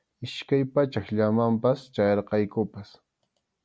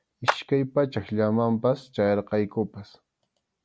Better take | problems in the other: first | background sound (Clapping); 7 dB below the speech

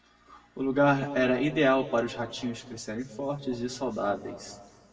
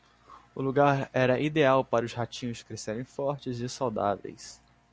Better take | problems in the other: second | room echo; dies away in 1.8 s

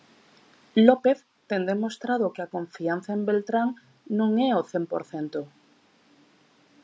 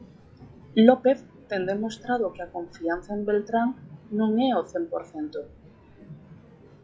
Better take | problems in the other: first | noise reduction (classical method log-MMSE)

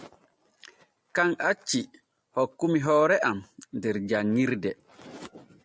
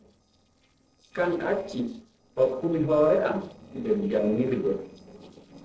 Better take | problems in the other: first | noise reduction (neural separator model SepFormer DNS4)

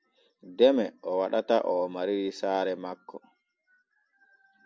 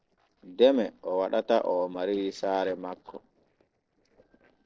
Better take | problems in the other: first | noise reduction (neural separator model SepFormer DNS4)

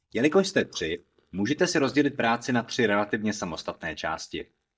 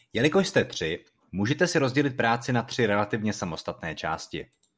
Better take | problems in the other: second | noise reduction (neural mask model DeepFilterNet 3)

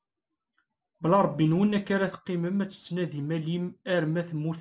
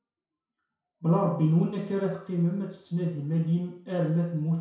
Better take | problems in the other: first | room echo; dies away in 0.6 s

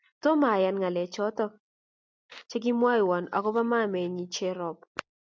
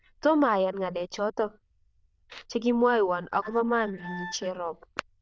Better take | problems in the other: first | noise reduction (neural diffusion model UNIVERSE++)

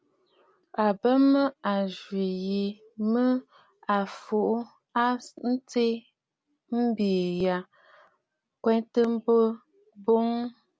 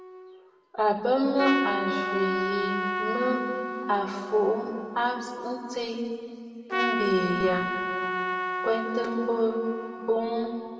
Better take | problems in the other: first | background sound (Trumpet); 4 dB below the speech // room echo; dies away in 2.3 s

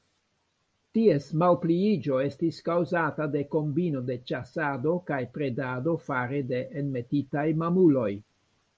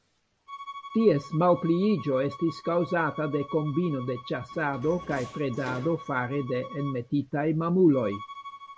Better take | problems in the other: first | background sound (Door + Bowed string instrument); 16 dB below the speech

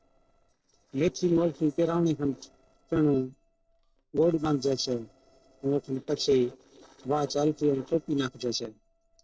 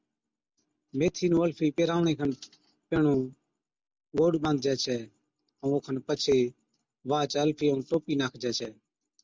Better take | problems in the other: second | noise reduction (neural separator model SepFormer DNS4)

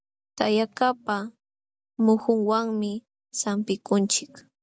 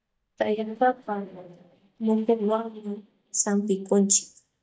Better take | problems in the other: first | noise reduction (neural mask model DeepFilterNet 3)

